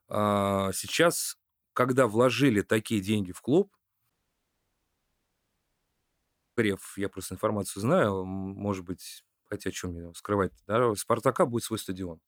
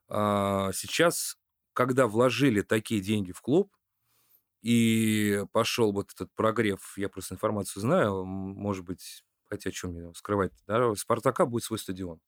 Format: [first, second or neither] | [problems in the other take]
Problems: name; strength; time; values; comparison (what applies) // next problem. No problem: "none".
second | audio cutting out; at 4 s for 2.5 s